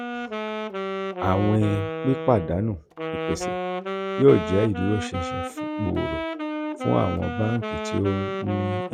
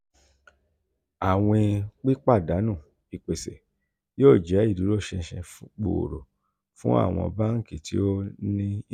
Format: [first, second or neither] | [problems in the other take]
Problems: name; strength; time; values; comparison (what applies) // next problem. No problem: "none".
second | background sound (Wind instrument, woodwind instrument); 4 dB below the speech